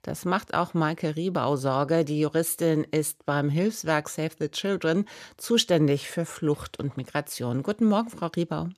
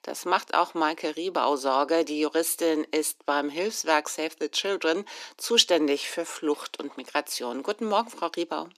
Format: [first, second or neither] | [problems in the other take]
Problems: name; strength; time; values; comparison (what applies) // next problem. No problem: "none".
first | thin; somewhat; fading below 250 Hz